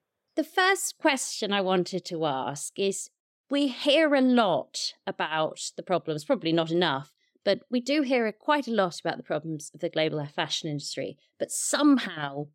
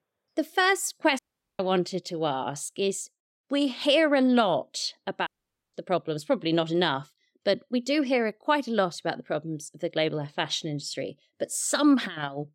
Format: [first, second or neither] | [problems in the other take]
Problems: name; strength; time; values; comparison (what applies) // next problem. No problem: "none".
first | audio cutting out; at 1 s and at 5.5 s